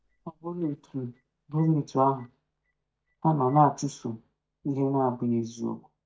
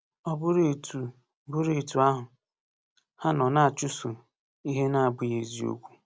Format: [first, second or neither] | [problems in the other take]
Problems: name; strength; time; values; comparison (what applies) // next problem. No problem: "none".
second | noise reduction (neural mask model DeepFilterNet 3)